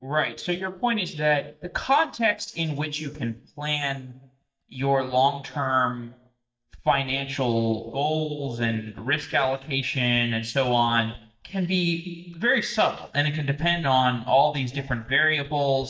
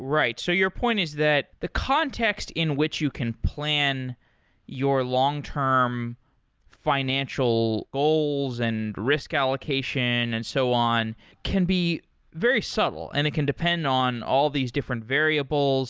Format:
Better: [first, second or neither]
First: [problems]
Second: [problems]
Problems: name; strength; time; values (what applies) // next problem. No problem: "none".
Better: second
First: noise reduction (neural mask model DeepFilterNet 3)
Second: none